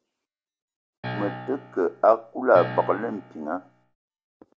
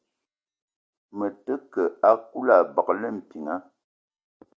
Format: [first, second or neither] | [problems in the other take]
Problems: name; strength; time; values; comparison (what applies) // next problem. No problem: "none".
second | background sound (Piano); 11 dB below the speech